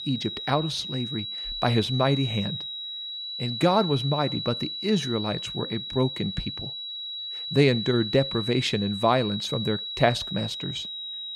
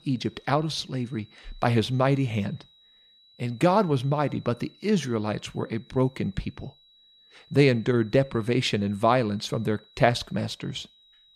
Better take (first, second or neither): second